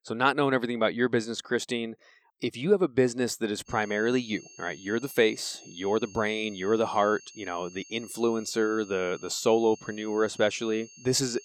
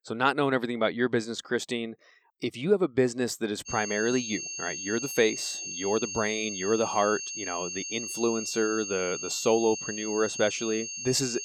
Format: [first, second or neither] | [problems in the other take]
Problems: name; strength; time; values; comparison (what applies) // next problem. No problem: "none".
first | high-pitched whine; loud; from 3.5 s on; 6.5 kHz, 5 dB below the speech; faint in the first